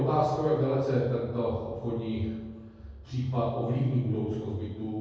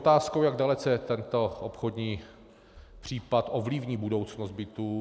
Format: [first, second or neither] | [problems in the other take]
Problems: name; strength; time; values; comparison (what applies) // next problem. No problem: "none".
second | room echo; dies away in 1.3 s